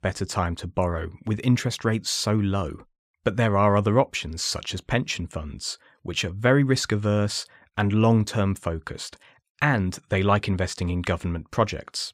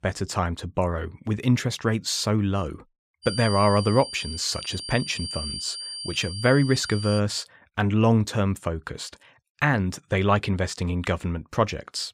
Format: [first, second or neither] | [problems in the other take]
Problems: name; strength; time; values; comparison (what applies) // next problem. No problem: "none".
first | high-pitched whine; loud; from 3 to 7 s; 4.5 kHz, 8 dB below the speech